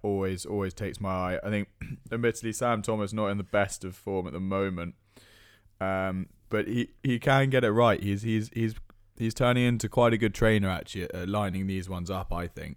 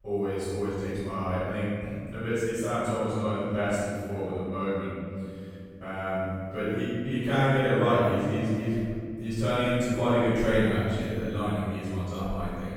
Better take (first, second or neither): first